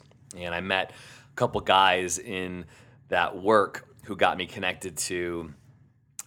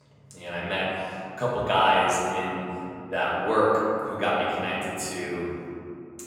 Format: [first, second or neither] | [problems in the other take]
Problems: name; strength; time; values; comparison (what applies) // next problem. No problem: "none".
first | room echo; strong; dies away in 2.5 s // off-mic speech; far